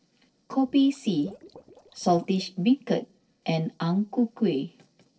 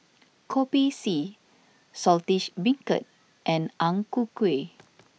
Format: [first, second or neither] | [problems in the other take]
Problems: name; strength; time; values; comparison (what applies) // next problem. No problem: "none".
second | noise reduction (neural separator model SepFormer DNS4)